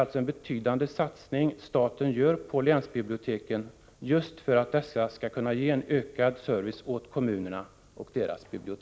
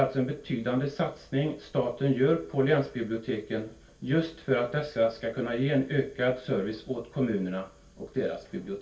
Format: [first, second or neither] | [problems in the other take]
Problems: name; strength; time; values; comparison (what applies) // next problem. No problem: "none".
first | room echo; dies away in 0.2 s